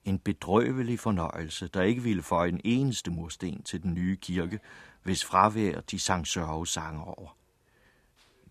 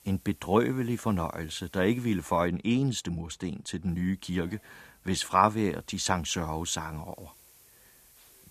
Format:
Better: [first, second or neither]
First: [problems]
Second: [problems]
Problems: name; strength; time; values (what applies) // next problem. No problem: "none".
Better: first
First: none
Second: hiss; faint; until 2.5 s and from 4 s on; 25 dB below the speech